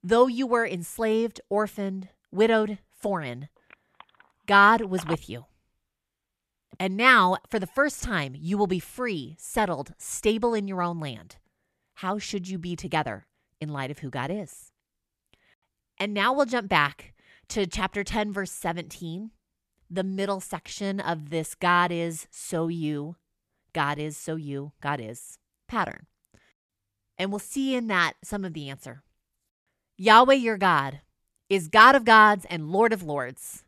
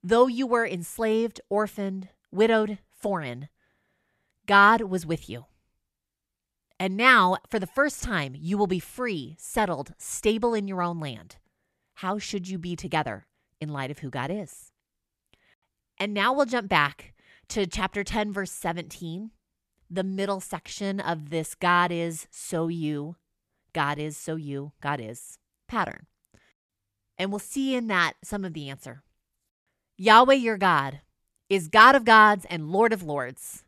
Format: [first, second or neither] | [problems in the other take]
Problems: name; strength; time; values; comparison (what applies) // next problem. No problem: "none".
second | phone ringing; faint; from 3.5 to 7 s; peak 15 dB below the speech